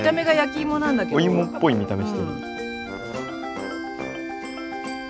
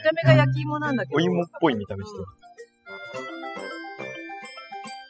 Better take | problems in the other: first | noise reduction (classical method spectral subtraction)

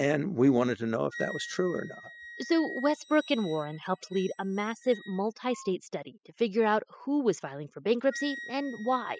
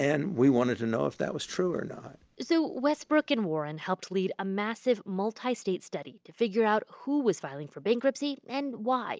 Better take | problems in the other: second | noise reduction (classical method spectral subtraction)

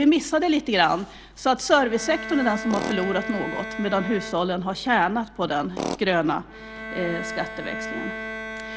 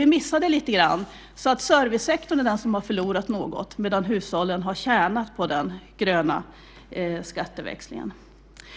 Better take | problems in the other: second | background sound (Bowed string instrument + Tools); 10 dB below the speech

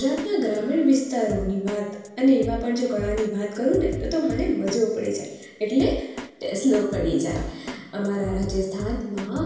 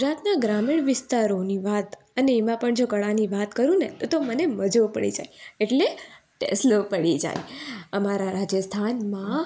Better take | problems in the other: second | background sound (Drum kit); 11 dB below the speech // room echo; dies away in 0.9 s

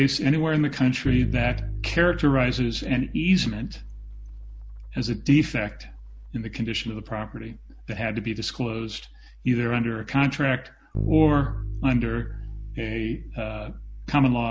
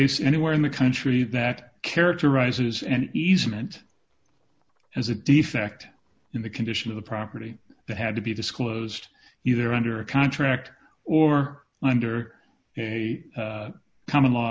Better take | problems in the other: second | background sound (Bass guitar); 8 dB below the speech

